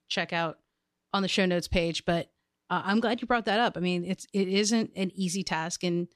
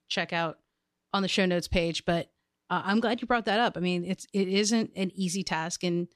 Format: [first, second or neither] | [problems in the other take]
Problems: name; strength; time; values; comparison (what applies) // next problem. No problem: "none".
neither | none